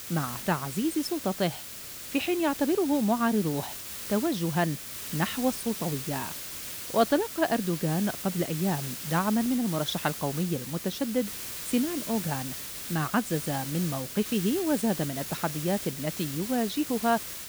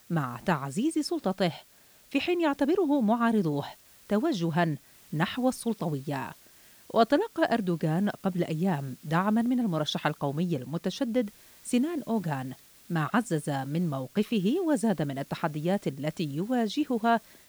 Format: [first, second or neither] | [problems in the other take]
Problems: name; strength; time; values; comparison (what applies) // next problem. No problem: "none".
second | hiss; loud; throughout; 7 dB below the speech; faint in the second